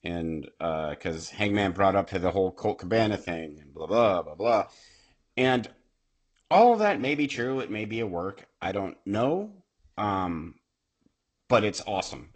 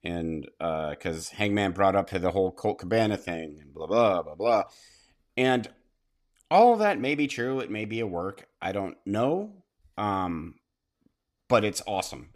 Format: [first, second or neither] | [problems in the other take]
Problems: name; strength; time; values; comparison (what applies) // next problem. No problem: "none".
second | garbled, watery; slightly; nothing above 8 kHz